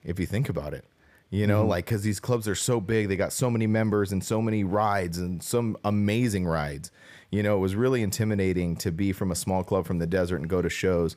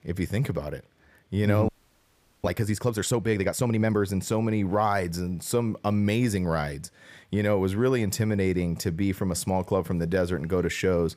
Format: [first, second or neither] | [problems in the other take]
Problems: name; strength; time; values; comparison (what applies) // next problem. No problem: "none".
first | audio freezing; at 1.5 s for 1 s